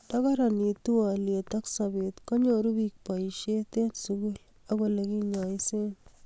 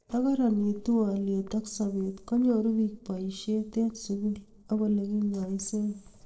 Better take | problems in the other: first | noise reduction (neural separator model SepFormer DNS4)

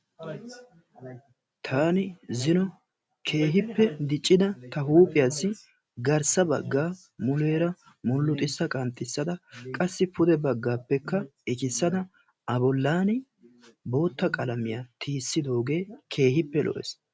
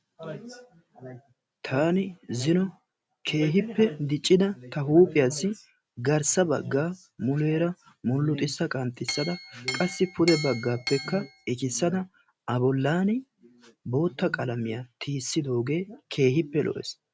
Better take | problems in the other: first | background sound (Chink, clink); 9 dB below the speech

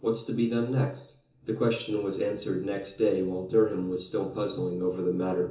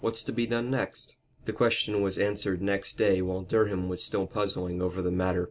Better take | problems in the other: second | room echo; dies away in 0.7 s

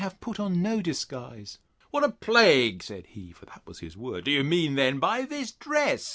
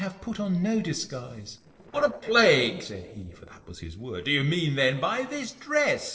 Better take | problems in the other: first | noise reduction (neural separator model SepFormer DNS4)

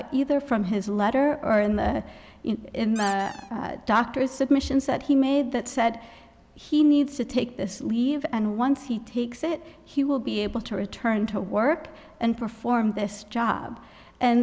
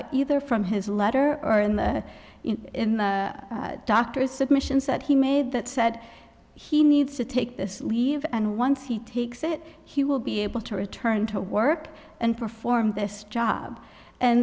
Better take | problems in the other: second | background sound (Squeak); 17 dB below the speech

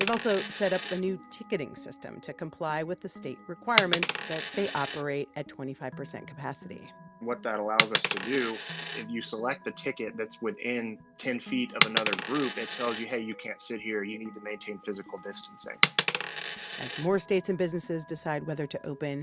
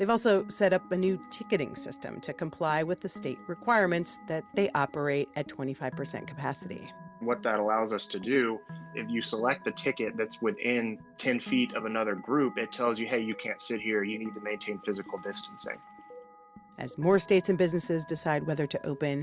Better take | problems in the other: second | background sound (Coin (dropping)); 3 dB below the speech

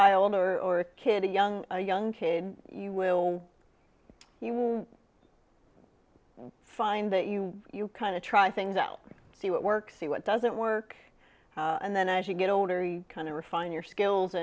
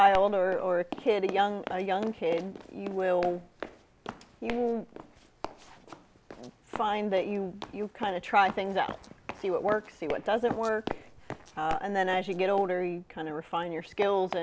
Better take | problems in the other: first | background sound (Run); 13 dB below the speech

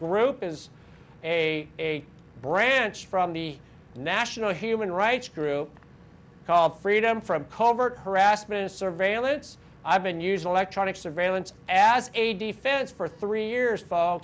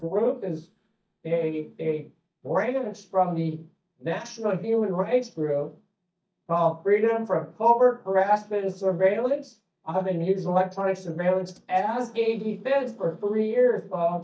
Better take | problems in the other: first | noise reduction (neural mask model DeepFilterNet 3)

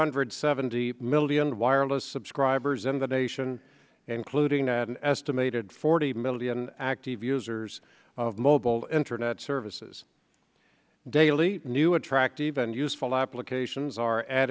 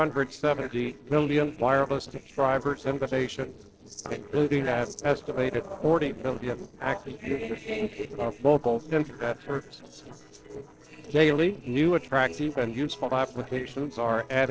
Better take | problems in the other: first | noise reduction (neural separator model SepFormer DNS4)

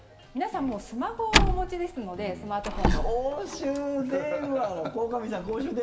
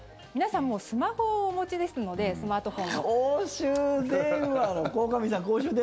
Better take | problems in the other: second | background sound (Slam); 1 dB below the speech // room echo; dies away in 0.9 s

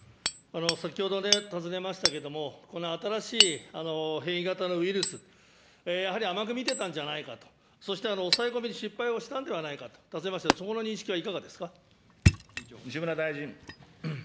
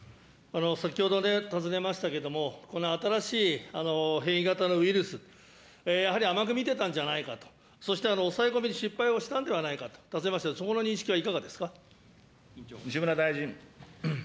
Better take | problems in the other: second | background sound (Hammer); 1 dB below the speech

